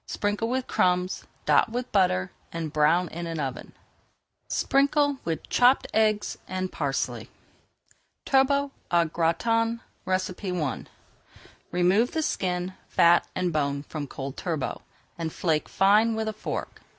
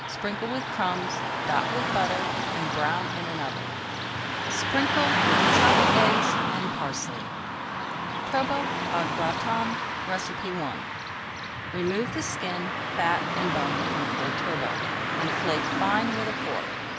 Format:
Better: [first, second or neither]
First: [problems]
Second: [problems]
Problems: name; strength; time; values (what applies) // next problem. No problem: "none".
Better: first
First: none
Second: background sound (Car passing by / Traffic noise, roadway noise); 4 dB above the speech